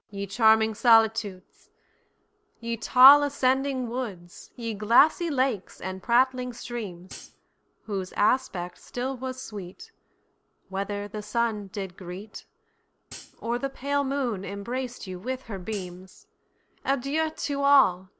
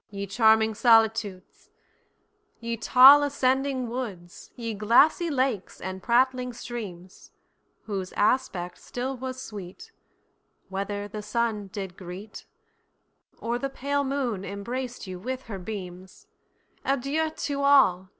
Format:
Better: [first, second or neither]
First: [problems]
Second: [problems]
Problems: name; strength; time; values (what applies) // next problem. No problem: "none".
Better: second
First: background sound (Hi-hat); 17 dB below the speech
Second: none